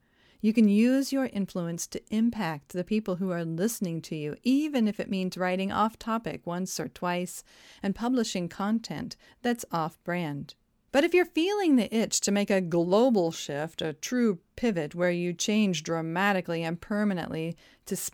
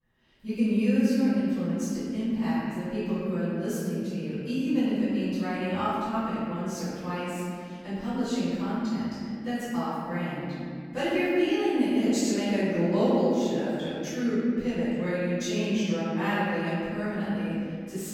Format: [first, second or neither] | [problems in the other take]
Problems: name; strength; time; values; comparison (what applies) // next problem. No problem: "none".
first | room echo; strong; dies away in 2.6 s // off-mic speech; far